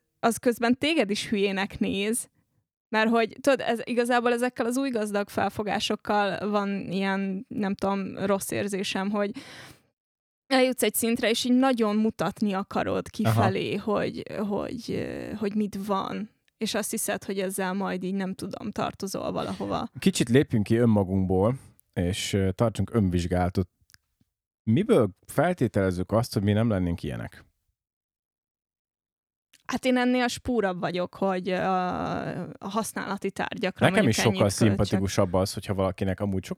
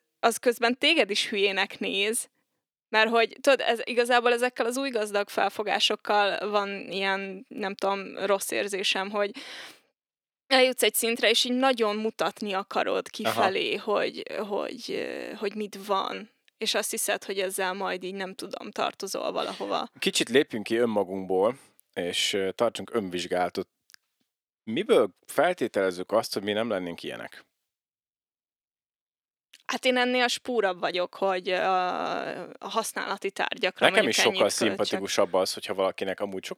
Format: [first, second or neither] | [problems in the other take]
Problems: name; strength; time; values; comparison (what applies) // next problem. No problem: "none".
first | thin; somewhat; fading below 400 Hz